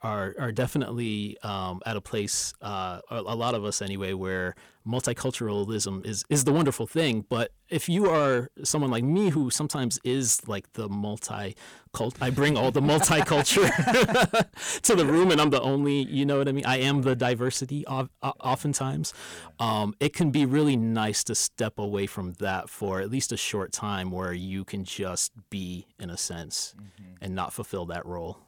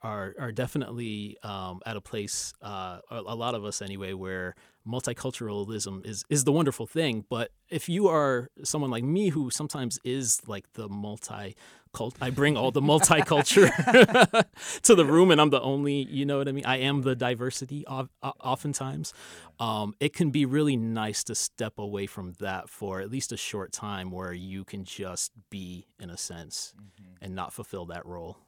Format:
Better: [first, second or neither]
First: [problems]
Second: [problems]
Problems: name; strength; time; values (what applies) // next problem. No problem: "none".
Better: second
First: distortion; heavy; 6 dB below the speech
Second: none